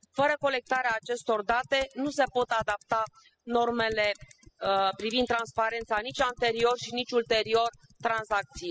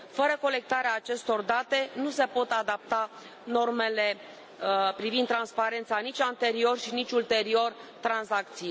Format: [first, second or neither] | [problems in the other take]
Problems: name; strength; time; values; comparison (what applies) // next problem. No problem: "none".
second | noise reduction (classical method spectral subtraction)